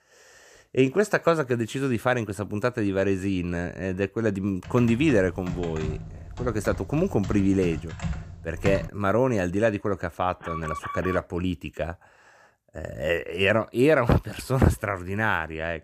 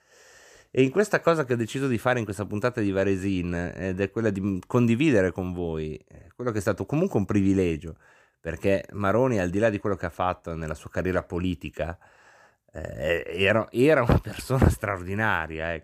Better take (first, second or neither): second